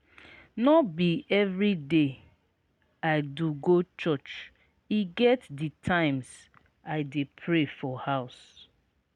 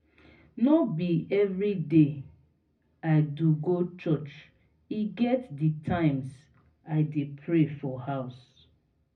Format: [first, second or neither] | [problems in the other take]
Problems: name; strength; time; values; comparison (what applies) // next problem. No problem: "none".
first | room echo; dies away in 0.4 s